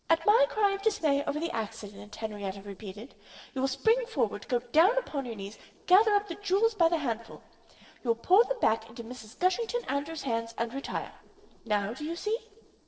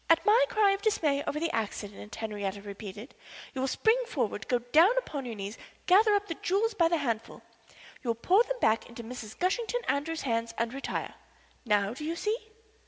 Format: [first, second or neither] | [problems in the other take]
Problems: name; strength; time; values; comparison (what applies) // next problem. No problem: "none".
second | noise reduction (neural separator model SepFormer DNS4)